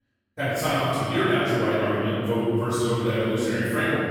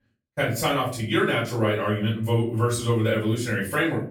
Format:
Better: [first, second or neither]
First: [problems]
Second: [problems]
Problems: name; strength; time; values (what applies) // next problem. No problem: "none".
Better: second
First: room echo; strong; dies away in 3 s // off-mic speech; far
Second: room echo; slight; dies away in 0.4 s // off-mic speech; far